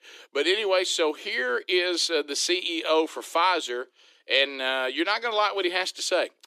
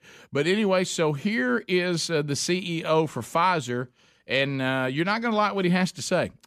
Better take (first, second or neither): second